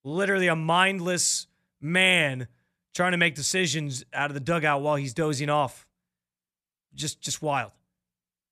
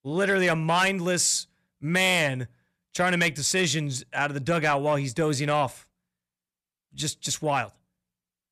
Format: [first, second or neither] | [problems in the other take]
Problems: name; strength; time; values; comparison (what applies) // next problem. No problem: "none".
first | distortion; slight; 10 dB below the speech